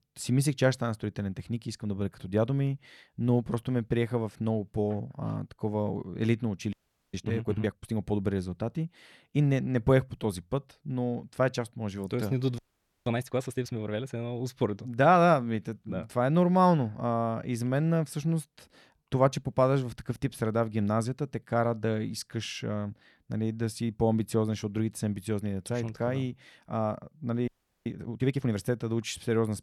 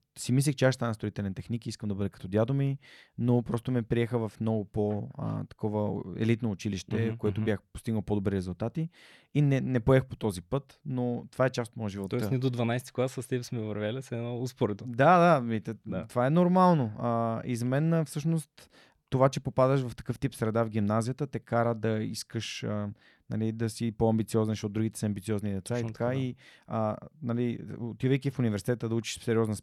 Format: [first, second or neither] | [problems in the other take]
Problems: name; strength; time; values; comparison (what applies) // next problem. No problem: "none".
second | audio freezing; at 6.5 s, at 13 s and at 27 s